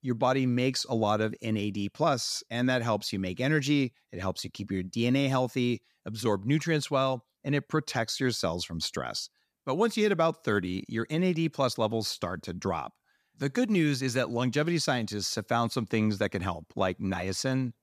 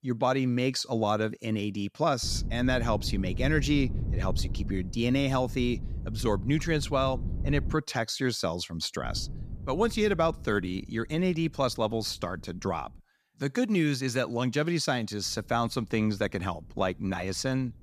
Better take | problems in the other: first | wind noise on the microphone; occasional gusts; from 2 to 7.5 s, from 9 to 13 s and from 15 s on; 20 dB below the speech

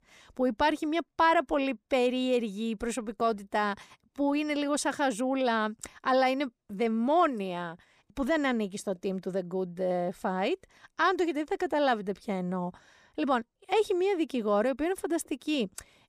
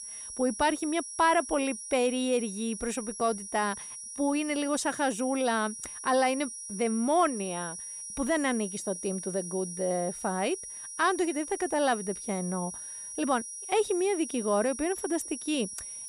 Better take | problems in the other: first | high-pitched whine; loud; throughout; 10.5 kHz, 8 dB below the speech

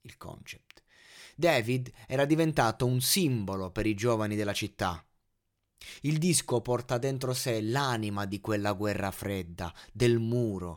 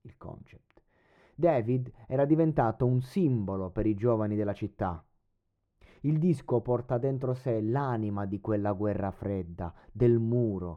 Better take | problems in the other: first | muffled; very; fading above 2 kHz

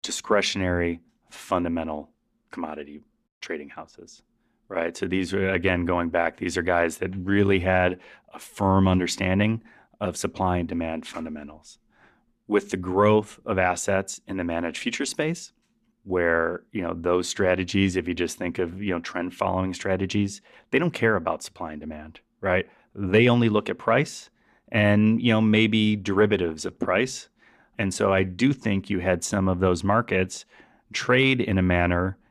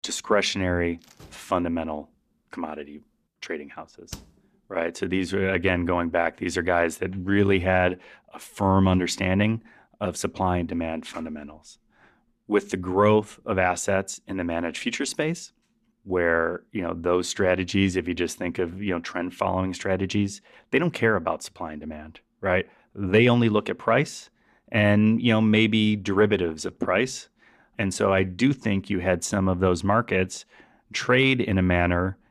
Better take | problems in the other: first | door banging; faint; from 1 to 4 s; peak 20 dB below the speech

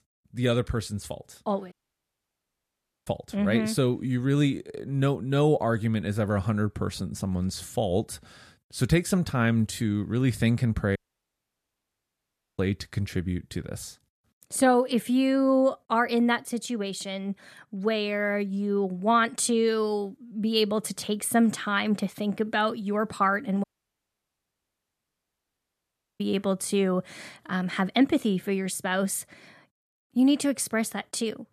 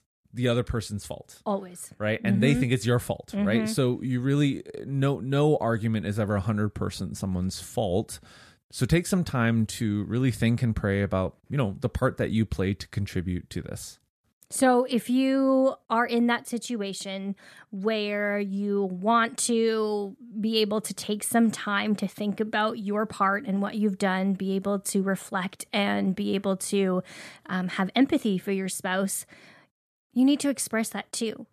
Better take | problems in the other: second | audio cutting out; at 1.5 s for 1.5 s, at 11 s for 1.5 s and at 24 s for 2.5 s

